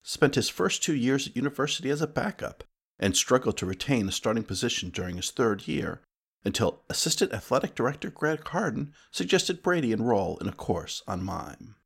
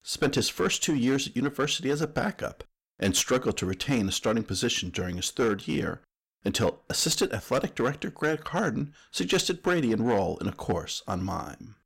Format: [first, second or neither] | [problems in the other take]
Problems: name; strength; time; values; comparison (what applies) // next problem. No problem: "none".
first | distortion; slight; 4% of the sound clipped